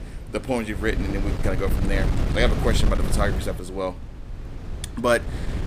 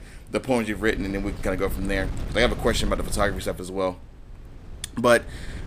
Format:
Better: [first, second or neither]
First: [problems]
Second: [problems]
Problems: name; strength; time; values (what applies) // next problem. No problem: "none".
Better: second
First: wind noise on the microphone; heavy; 9 dB below the speech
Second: wind noise on the microphone; occasional gusts; 20 dB below the speech